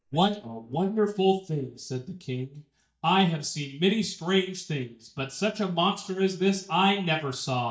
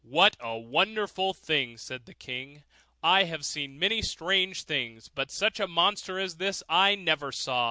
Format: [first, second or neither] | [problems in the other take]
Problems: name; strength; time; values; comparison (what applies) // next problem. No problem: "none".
second | noise reduction (neural mask model DeepFilterNet 3)